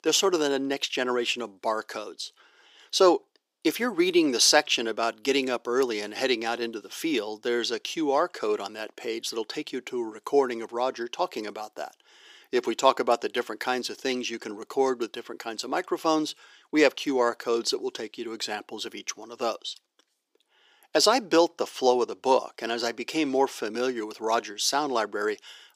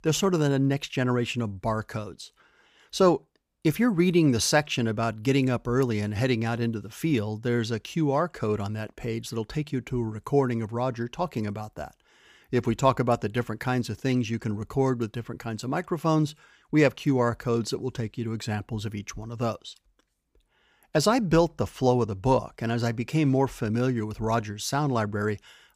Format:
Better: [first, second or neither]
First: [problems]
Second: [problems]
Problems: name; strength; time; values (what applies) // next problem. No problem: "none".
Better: second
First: thin; somewhat; fading below 350 Hz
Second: none